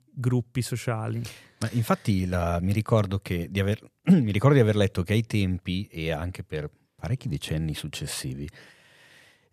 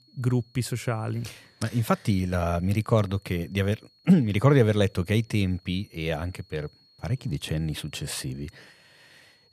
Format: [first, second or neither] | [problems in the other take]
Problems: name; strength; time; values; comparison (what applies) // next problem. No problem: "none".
first | high-pitched whine; faint; throughout; 4.5 kHz, 30 dB below the speech